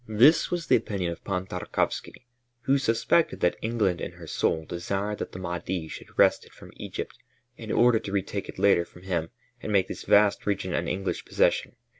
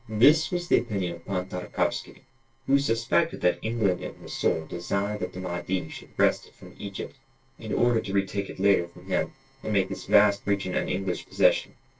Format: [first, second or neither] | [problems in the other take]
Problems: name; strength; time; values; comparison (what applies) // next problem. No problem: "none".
first | noise reduction (neural separator model SepFormer DNS4)